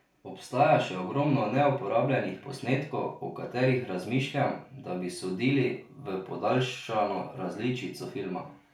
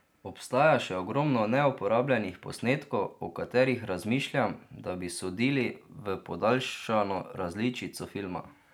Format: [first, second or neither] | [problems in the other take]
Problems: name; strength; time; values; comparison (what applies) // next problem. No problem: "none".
second | room echo; dies away in 0.3 s